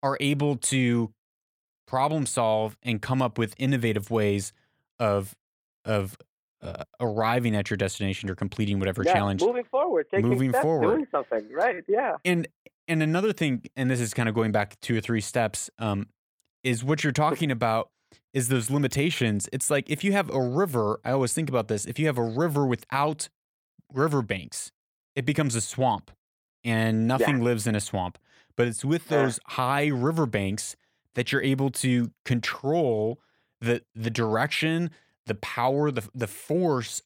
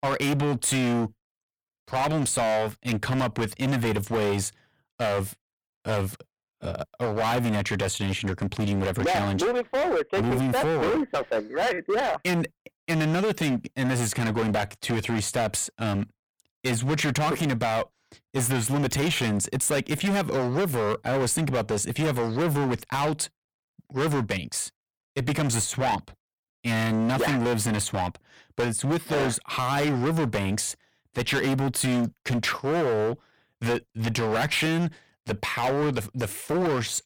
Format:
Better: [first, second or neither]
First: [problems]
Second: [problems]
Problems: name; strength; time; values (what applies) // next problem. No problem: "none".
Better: first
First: none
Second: distortion; heavy; 22% of the sound clipped